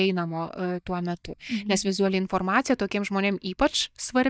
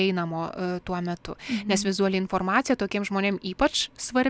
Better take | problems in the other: second | noise reduction (neural mask model DeepFilterNet 3)

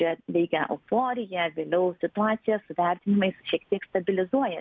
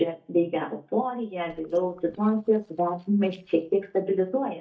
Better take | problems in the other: first | noise reduction (neural mask model DeepFilterNet 3)

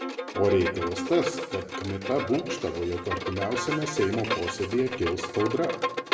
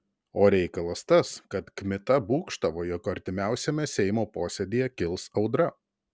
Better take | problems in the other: second | background sound (Bowed string instrument); 5 dB below the speech // room echo; dies away in 0.9 s

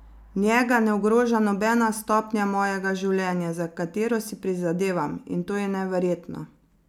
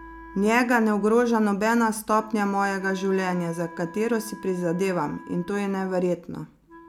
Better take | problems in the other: first | background sound (Wind instrument, woodwind instrument); 20 dB below the speech

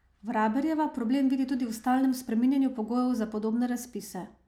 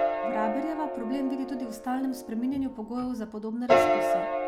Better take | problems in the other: first | background sound (Piano); 3 dB above the speech

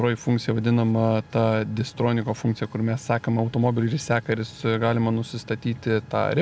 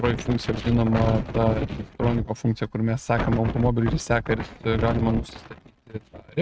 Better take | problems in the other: first | noise reduction (neural mask model RNNoise)

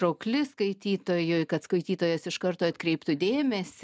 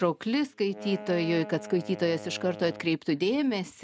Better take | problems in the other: first | background sound (Wind instrument, woodwind instrument); 15 dB below the speech

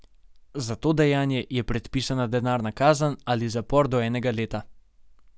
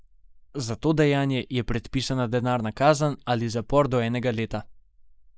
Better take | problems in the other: first | noise reduction (neural mask model Resemble Enhance denoiser)

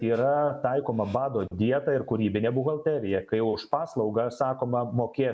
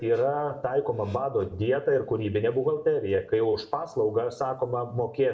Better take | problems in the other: first | room echo; dies away in 0.4 s

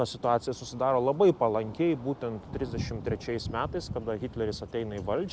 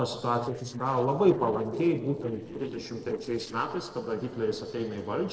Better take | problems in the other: first | noise reduction (neural separator model SepFormer DNS4)

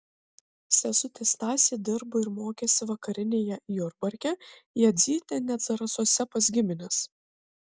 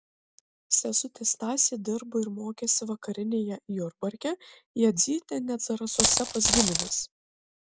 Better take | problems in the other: first | background sound (Coin (dropping)); 3 dB above the speech

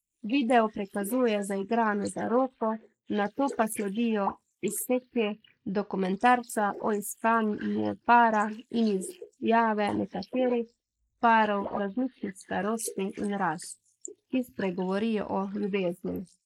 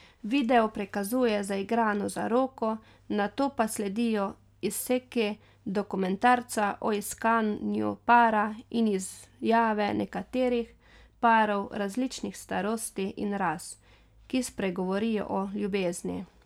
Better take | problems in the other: second | noise reduction (neural mask model Resemble Enhance denoiser)

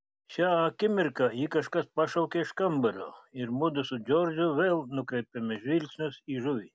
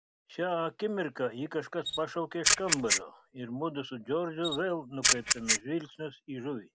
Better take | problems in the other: first | background sound (Camera); 4 dB above the speech

